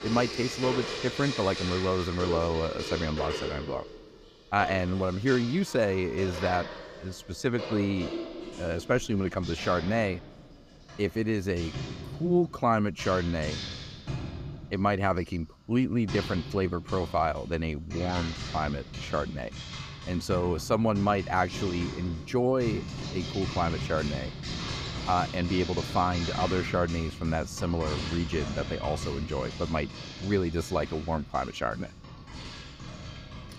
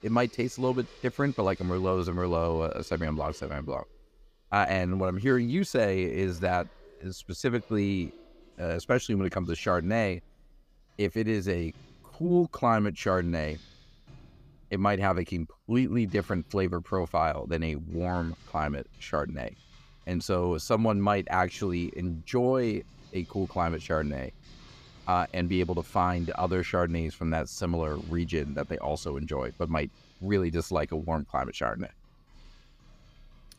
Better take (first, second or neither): second